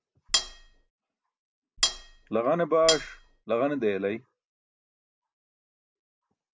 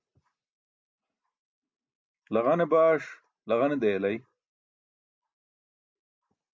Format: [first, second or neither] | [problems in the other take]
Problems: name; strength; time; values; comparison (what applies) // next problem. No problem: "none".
second | background sound (Cutlery, silverware); 1 dB above the speech